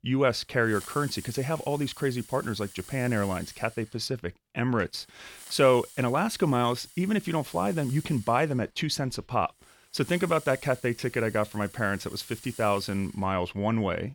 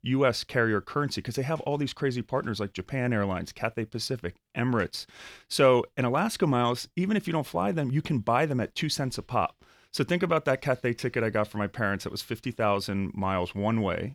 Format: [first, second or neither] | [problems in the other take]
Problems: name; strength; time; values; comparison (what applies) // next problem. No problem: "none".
second | hiss; noticeable; throughout; 20 dB below the speech